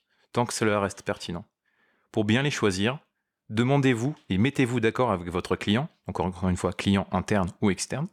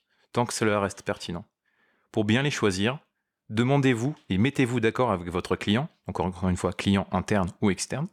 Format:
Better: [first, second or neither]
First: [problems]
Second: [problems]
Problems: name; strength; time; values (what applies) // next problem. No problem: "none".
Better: neither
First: none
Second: none